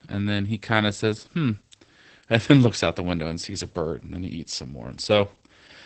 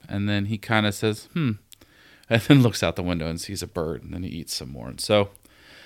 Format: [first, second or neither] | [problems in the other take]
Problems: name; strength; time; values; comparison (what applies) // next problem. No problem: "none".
second | garbled, watery; badly; nothing above 8 kHz